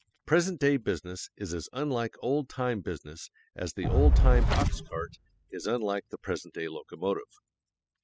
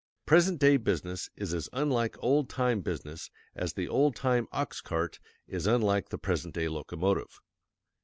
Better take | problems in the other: second | noise reduction (classical method spectral subtraction)

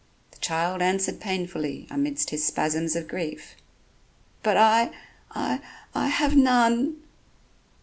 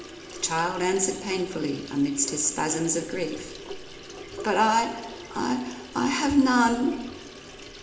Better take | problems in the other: first | background sound (Sink (filling or washing) / Water tap, faucet); 14 dB below the speech // room echo; dies away in 0.8 s

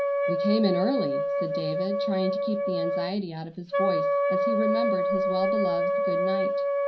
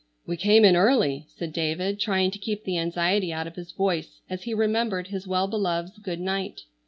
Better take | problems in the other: second | background sound (Wind instrument, woodwind instrument); 4 dB above the speech // room echo; dies away in 0.3 s

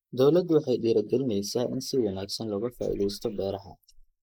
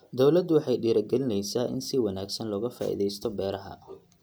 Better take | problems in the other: second | noise reduction (neural mask model Resemble Enhance denoiser)

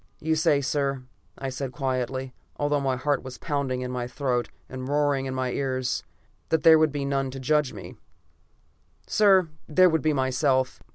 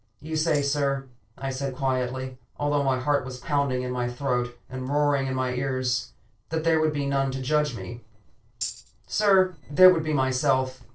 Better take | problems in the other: first | noise reduction (neural separator model SepFormer DNS4)

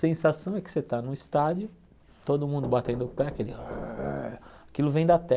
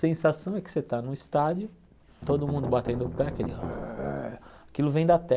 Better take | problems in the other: first | background sound (Strum); 8 dB below the speech

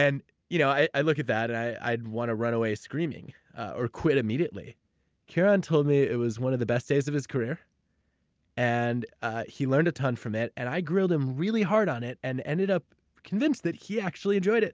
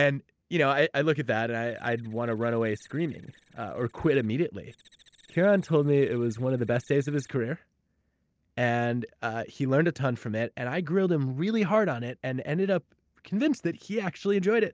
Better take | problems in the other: first | noise reduction (neural separator model SepFormer DNS4)

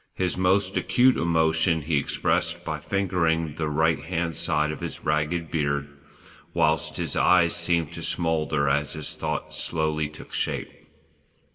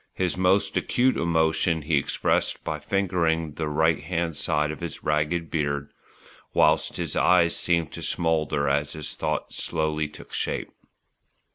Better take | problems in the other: second | room echo; dies away in 1.3 s

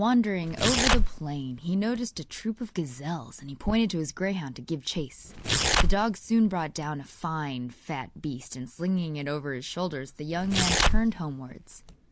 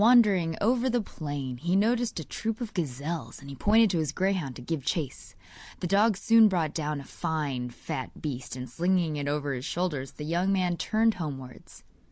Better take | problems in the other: second | background sound (Tearing); 3 dB above the speech

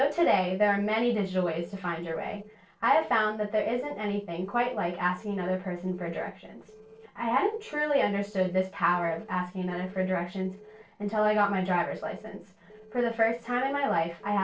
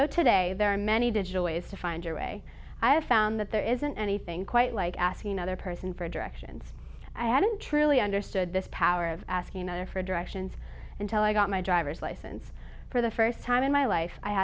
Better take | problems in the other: second | noise reduction (neural separator model SepFormer DNS4)

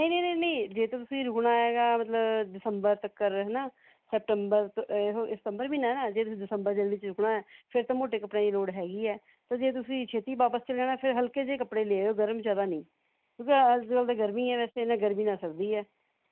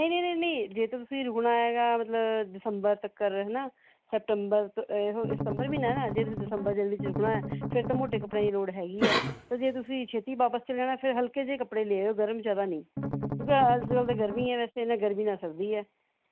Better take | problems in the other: first | background sound (Strum + Cough); 4 dB below the speech

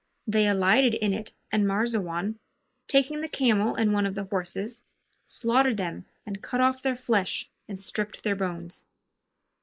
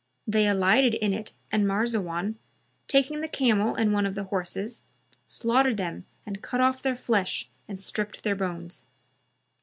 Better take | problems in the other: second | noise reduction (neural mask model Resemble Enhance denoiser)

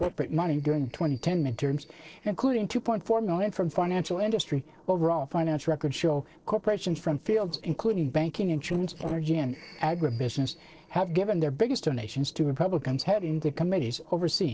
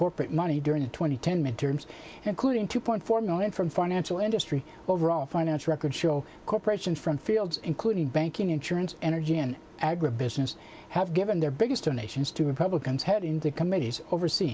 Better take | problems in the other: second | noise reduction (neural separator model SepFormer DNS4)

